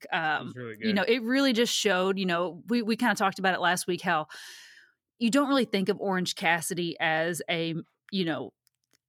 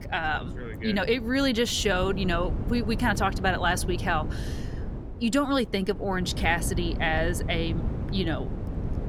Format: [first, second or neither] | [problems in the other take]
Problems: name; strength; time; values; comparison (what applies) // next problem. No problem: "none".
first | wind noise on the microphone; occasional gusts; 15 dB below the speech